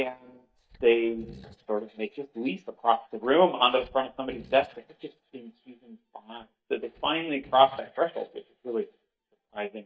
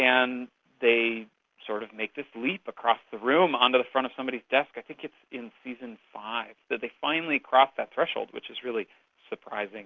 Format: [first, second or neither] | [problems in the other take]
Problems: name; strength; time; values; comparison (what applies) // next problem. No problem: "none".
second | noise reduction (neural mask model DeepFilterNet 3)